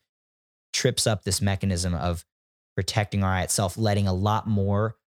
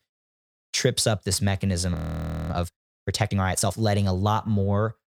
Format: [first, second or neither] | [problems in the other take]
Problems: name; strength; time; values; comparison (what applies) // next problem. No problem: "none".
first | audio freezing; at 2 s for 0.5 s